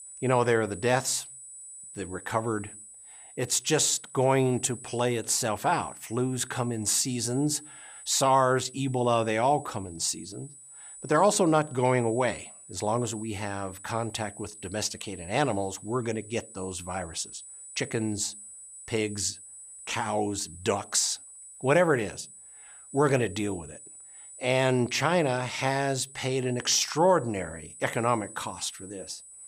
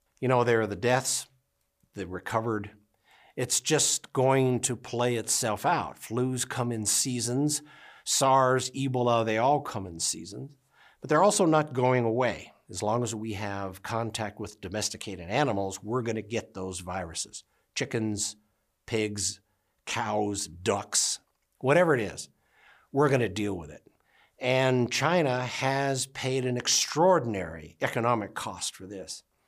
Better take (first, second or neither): second